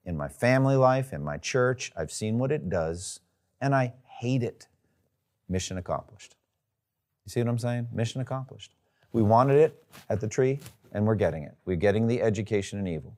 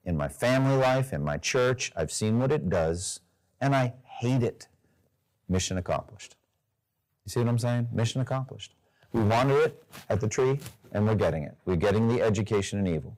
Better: first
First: none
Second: distortion; heavy; 10% of the sound clipped

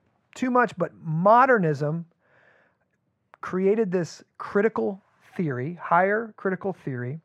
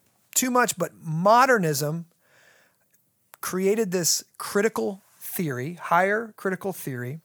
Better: second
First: muffled; very; fading above 2 kHz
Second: none

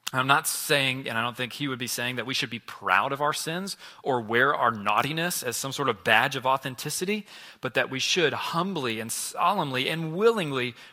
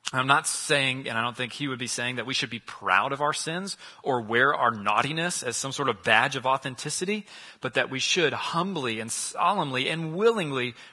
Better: first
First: garbled, watery; slightly; nothing above 15 kHz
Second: garbled, watery; badly; nothing above 10.5 kHz

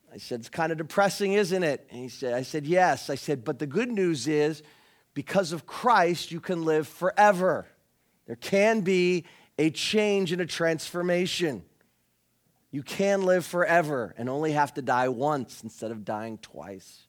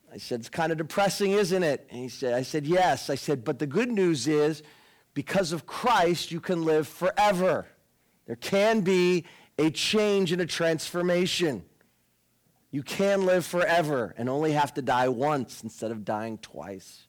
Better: first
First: none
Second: distortion; slight; 6% of the sound clipped

